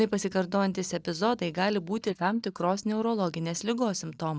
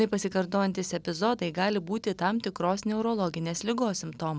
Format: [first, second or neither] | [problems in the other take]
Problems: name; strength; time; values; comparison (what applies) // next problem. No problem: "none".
second | noise reduction (neural mask model DeepFilterNet 3)